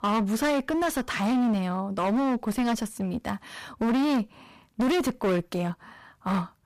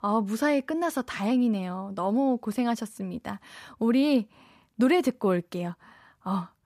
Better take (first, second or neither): second